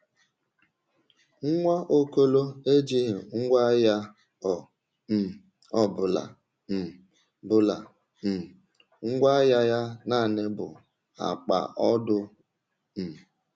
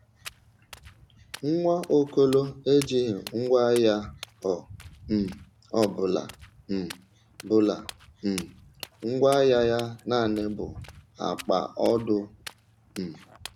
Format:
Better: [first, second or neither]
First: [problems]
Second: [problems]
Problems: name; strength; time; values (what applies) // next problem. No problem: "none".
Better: first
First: none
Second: background sound (Walk, footsteps); 19 dB below the speech